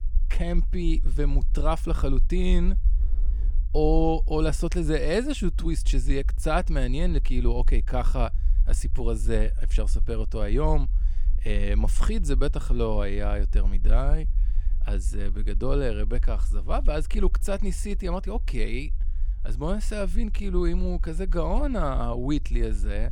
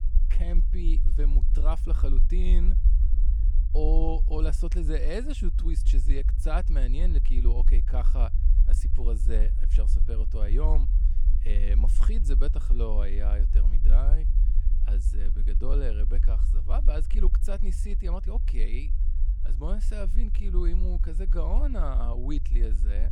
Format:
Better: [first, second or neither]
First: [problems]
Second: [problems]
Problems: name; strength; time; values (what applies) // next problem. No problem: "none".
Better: first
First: low rumble; faint; throughout; 20 dB below the speech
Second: low rumble; loud; throughout; 10 dB below the speech